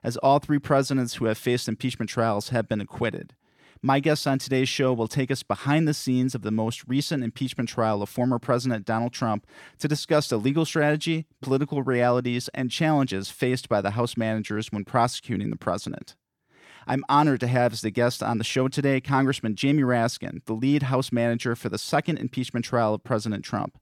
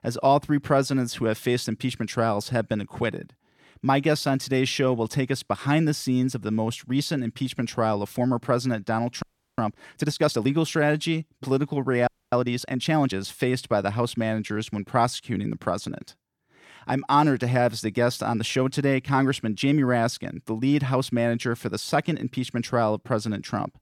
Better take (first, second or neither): first